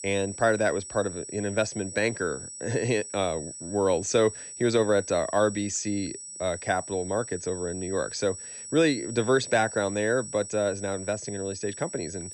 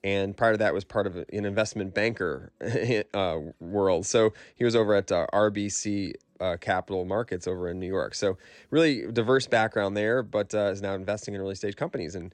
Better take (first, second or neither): second